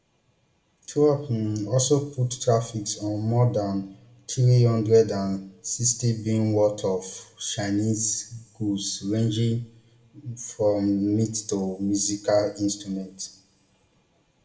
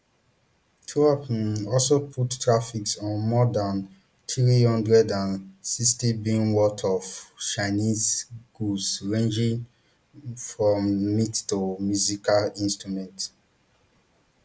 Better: second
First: room echo; dies away in 0.5 s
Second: none

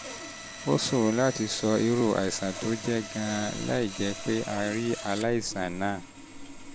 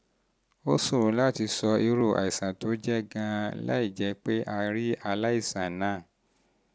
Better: second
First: background sound (Sawing); 11 dB below the speech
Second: none

